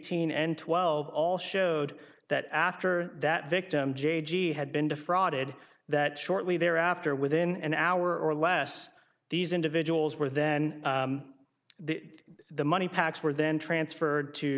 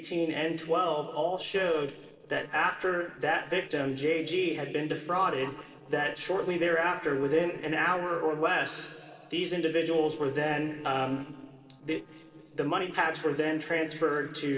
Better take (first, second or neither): first